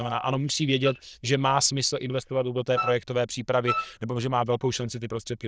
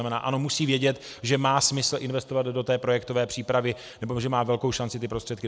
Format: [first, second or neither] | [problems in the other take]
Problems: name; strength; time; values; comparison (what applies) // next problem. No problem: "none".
second | noise reduction (neural diffusion model UNIVERSE++)